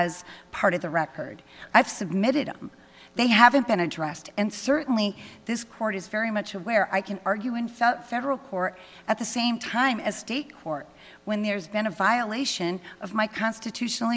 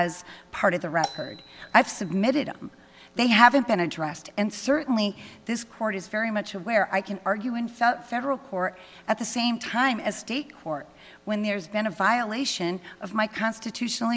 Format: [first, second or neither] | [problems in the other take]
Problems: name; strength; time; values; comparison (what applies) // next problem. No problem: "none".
first | background sound (Marimba, xylophone); 14 dB below the speech